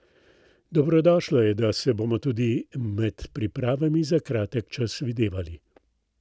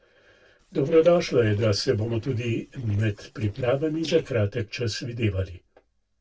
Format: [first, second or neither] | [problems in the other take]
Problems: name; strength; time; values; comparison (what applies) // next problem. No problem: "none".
first | noise reduction (neural separator model SepFormer DNS4)